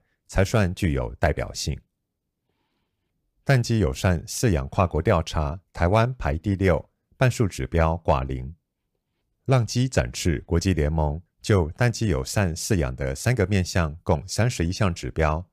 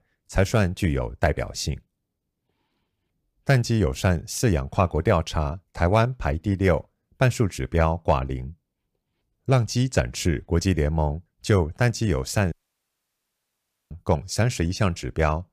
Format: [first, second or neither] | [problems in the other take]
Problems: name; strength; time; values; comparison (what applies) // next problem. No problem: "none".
first | audio cutting out; at 13 s for 1.5 s